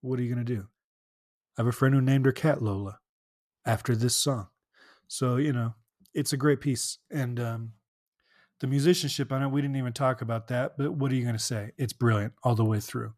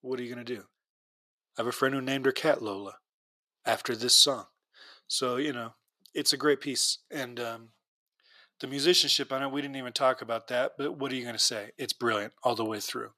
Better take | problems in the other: first | thin; somewhat; fading below 450 Hz

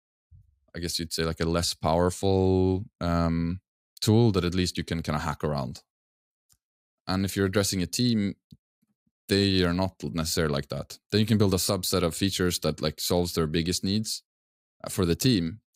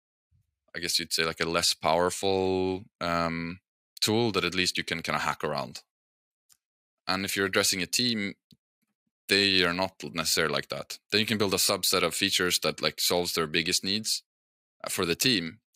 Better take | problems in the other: first | thin; somewhat; fading below 600 Hz

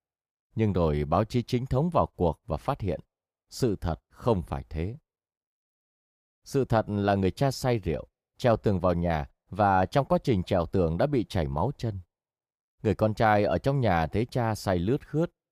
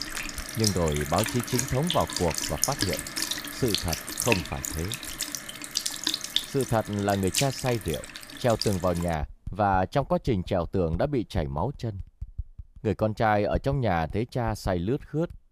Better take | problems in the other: first | household noises; loud; throughout; 3 dB below the speech

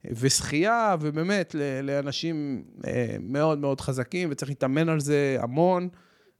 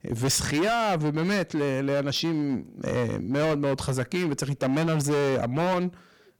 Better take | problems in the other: first | distortion; heavy; 21% of the sound clipped

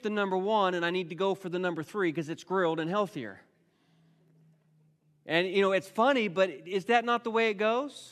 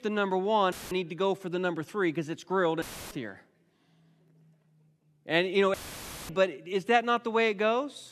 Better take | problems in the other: first | audio cutting out; filled with static; at 0.5 s, at 3 s and at 5.5 s for 0.5 s

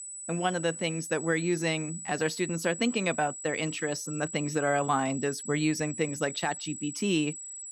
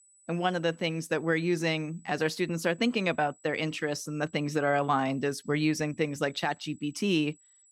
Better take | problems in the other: second | high-pitched whine; loud; throughout; 8 kHz, 8 dB below the speech; faint in the second

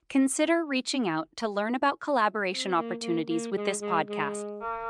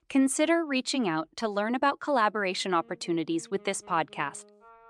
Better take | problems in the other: second | background music; loud; from 2.5 s on; 7 dB below the speech; faint in the second

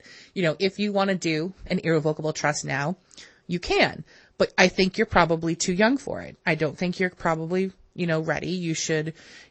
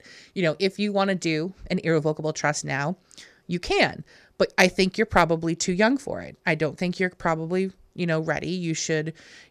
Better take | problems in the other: second | garbled, watery; slightly; nothing above 7.5 kHz

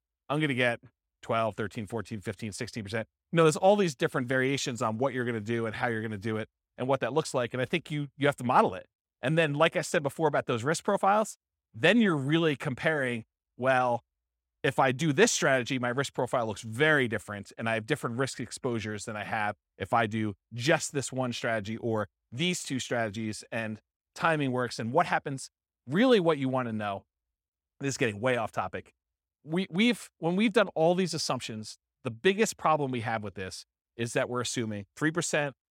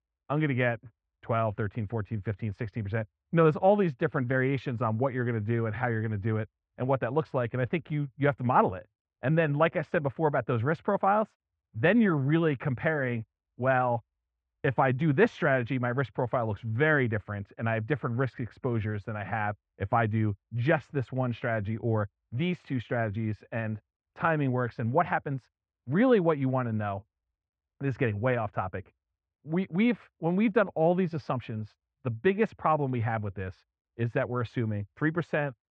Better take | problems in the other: first | muffled; very; fading above 2 kHz

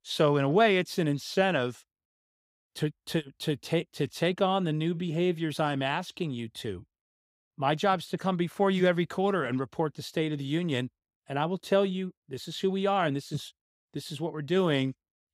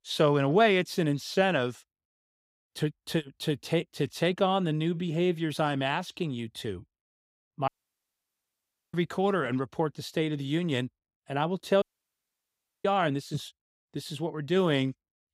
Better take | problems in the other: first | audio cutting out; at 7.5 s for 1.5 s and at 12 s for 1 s

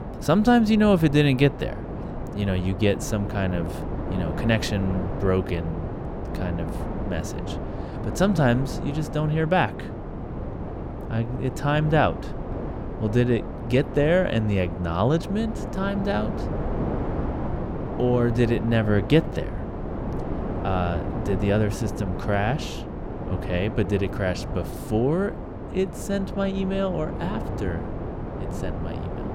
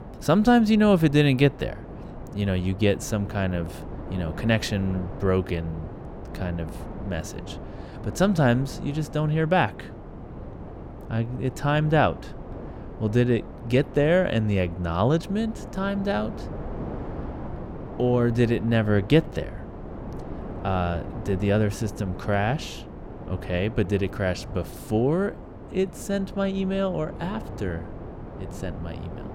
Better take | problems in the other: second | wind noise on the microphone; heavy; 9 dB below the speech; occasional gusts in the second

